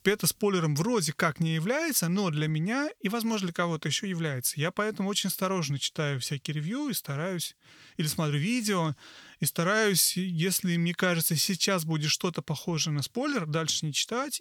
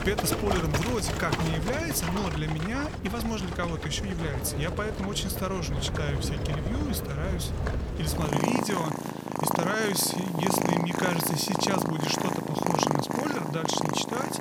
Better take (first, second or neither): first